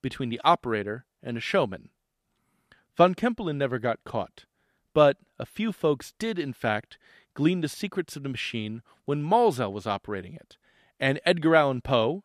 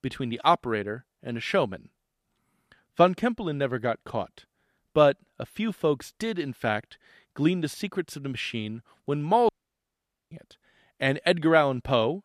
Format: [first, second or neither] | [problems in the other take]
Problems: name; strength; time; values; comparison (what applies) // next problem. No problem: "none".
first | audio cutting out; at 9.5 s for 1 s